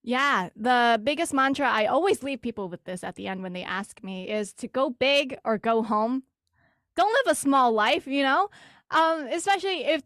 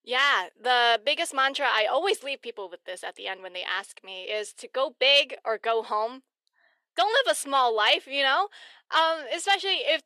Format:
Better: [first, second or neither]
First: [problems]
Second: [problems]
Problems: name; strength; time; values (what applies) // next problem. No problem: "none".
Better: first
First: none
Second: thin; very; fading below 450 Hz